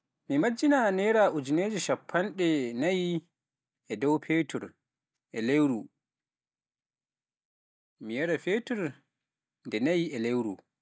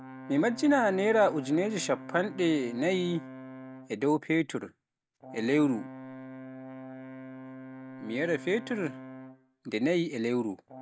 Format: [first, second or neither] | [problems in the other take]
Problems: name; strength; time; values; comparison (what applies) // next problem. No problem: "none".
first | background sound (Brass instrument); 15 dB below the speech